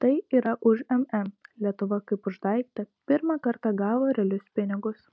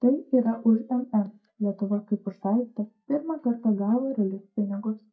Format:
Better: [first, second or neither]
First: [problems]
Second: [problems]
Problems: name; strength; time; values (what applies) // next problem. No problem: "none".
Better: first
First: none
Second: noise reduction (neural mask model DeepFilterNet 3)